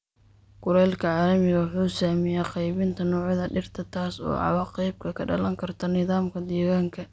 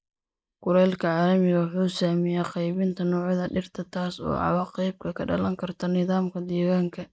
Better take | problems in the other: first | noise reduction (neural mask model Resemble Enhance denoiser)

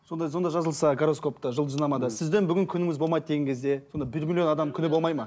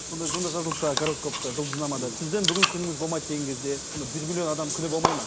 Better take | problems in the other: first | background sound (Bathtub (filling or washing) / Water); 1 dB below the speech

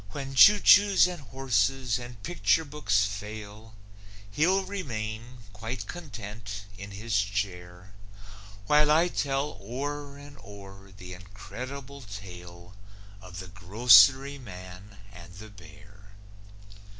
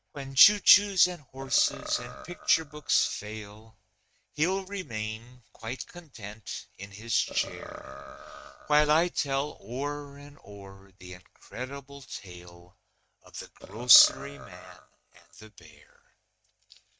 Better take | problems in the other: first | noise reduction (neural mask model RNNoise)

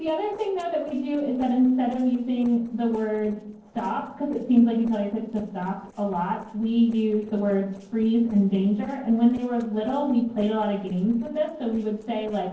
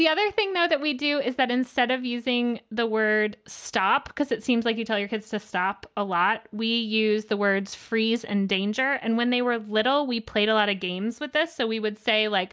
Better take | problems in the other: second | noise reduction (neural separator model SepFormer DNS4)

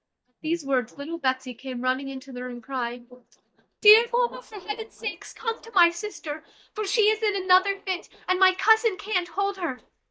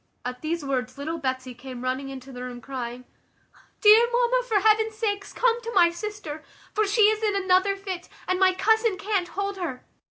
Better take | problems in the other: second | noise reduction (neural mask model DeepFilterNet 3)

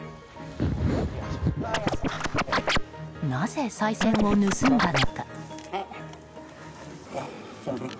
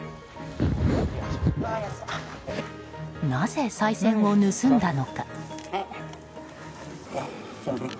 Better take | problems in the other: second | background sound (Scratching (performance technique)); 2 dB above the speech

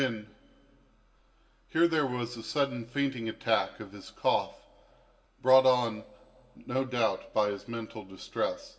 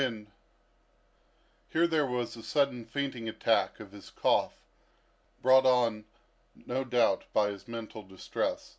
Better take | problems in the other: second | room echo; dies away in 1.1 s

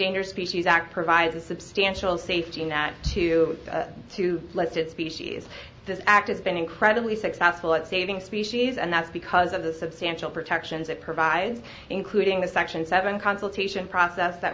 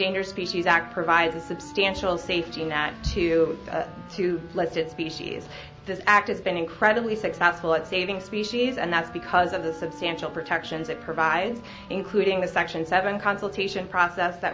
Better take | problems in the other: first | background sound (Wind instrument, woodwind instrument); 18 dB below the speech

